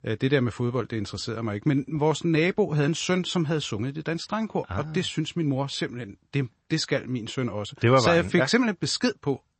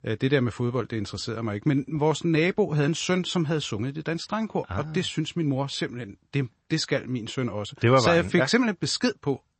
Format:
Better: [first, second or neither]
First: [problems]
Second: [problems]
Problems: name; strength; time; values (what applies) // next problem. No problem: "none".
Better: neither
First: garbled, watery; slightly; nothing above 8 kHz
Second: garbled, watery; slightly; nothing above 8 kHz